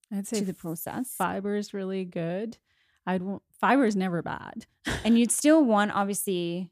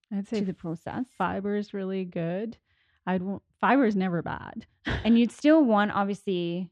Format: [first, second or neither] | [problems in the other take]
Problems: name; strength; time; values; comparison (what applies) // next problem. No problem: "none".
first | muffled; slightly; fading above 4 kHz